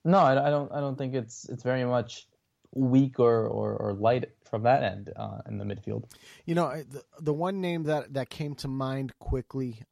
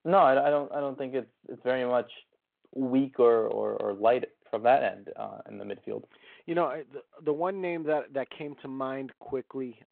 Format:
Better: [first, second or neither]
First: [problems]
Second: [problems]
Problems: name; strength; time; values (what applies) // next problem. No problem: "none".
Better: first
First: none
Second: phone-call audio; nothing above 3.5 kHz